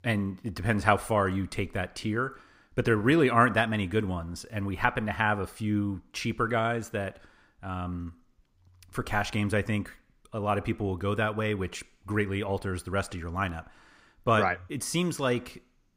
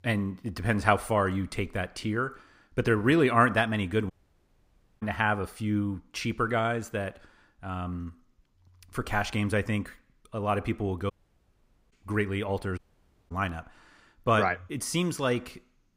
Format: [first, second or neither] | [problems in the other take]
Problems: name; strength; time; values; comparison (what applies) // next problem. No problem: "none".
first | audio cutting out; at 4 s for 1 s, at 11 s for 1 s and at 13 s for 0.5 s